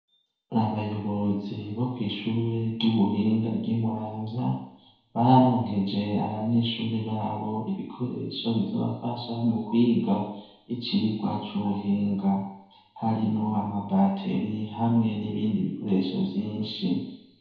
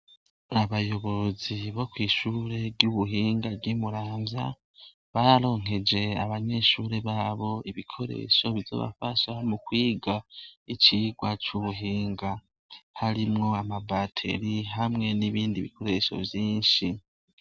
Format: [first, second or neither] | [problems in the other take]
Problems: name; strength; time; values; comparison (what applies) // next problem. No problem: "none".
second | room echo; dies away in 0.9 s